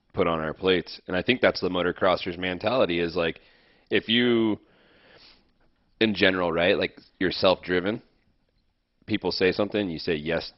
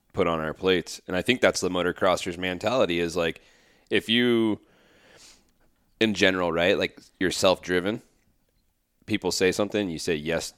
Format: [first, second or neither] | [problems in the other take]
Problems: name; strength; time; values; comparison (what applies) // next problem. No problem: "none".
second | garbled, watery; badly; nothing above 5.5 kHz